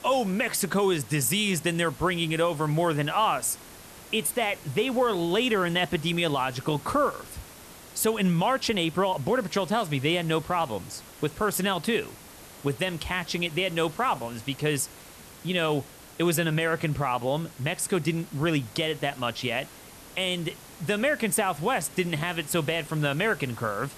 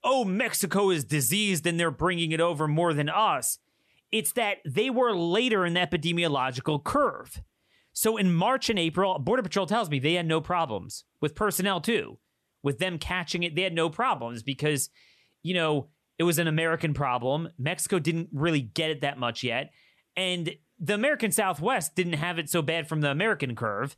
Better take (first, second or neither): second